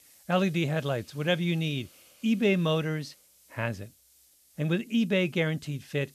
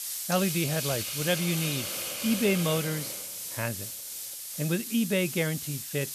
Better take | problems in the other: first | hiss; loud; throughout; 3 dB below the speech; faint in the first

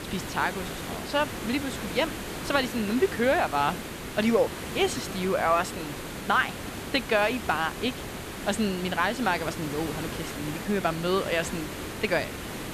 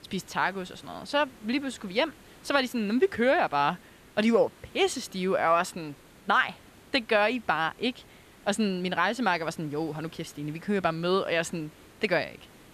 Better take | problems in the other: second | hiss; loud; throughout; 8 dB below the speech; faint in the second

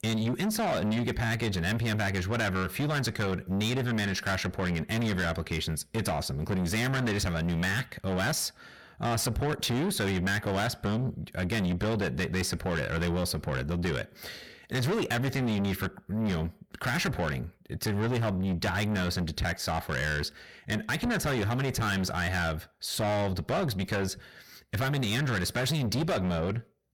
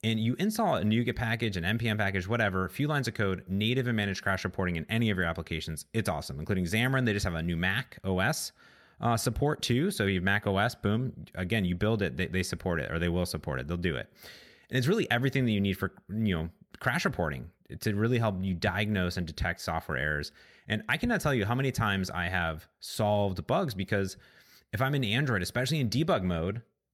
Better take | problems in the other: second | distortion; heavy; 6 dB below the speech

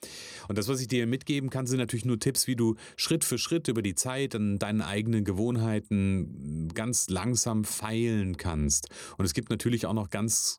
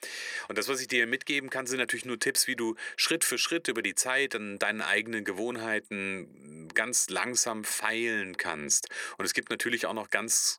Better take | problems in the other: first | thin; very; fading below 450 Hz

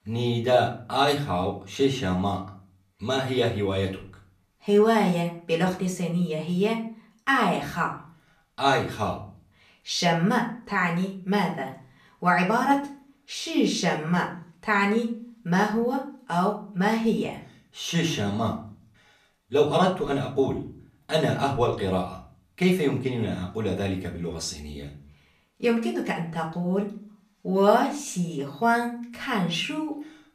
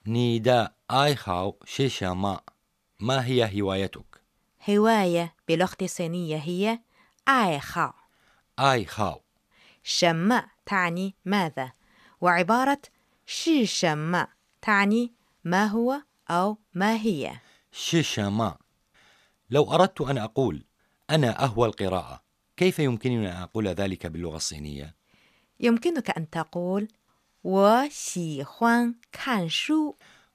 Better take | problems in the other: second | off-mic speech; far // room echo; slight; dies away in 0.4 s

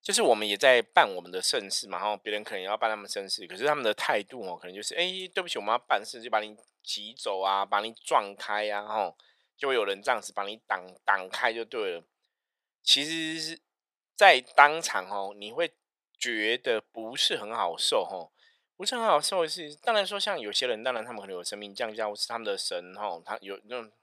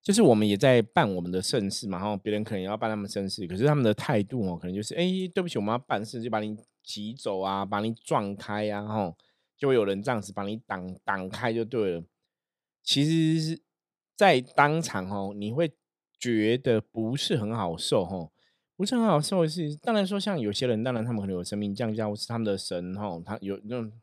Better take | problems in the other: second | thin; very; fading below 750 Hz

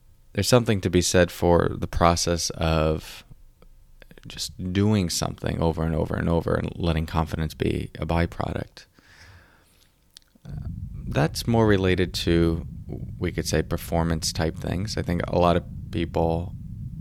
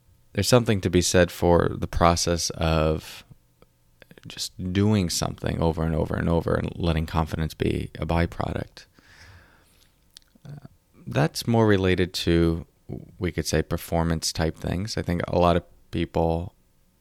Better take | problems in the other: second | low rumble; faint; until 8 s and from 11 s on; 25 dB below the speech

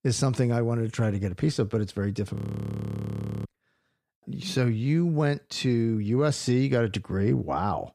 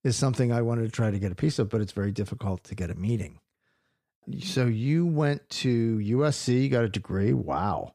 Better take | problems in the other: second | audio freezing; at 2.5 s for 1 s

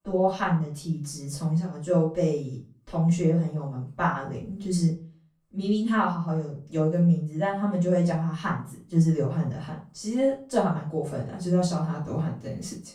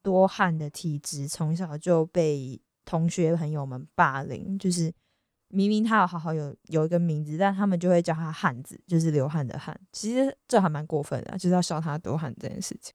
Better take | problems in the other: second | off-mic speech; far // room echo; slight; dies away in 0.3 s

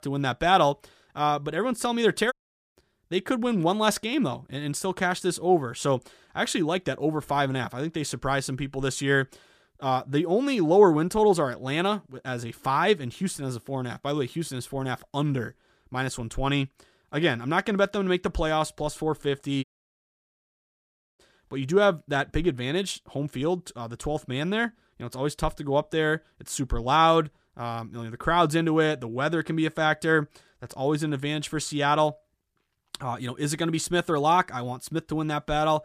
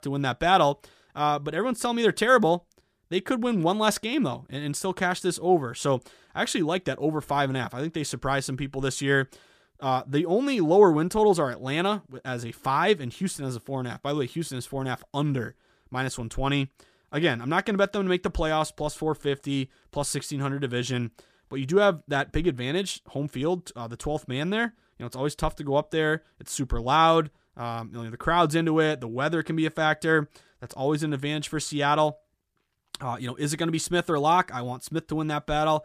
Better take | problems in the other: second | audio cutting out; at 2.5 s and at 20 s for 1.5 s

